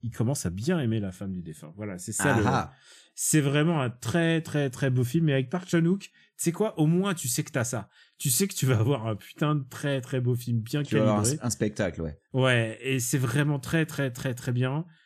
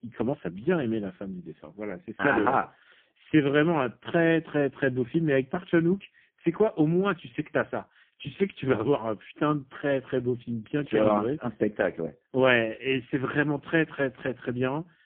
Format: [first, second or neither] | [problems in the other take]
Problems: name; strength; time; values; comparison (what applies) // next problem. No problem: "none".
first | phone-call audio; poor line; nothing above 3.5 kHz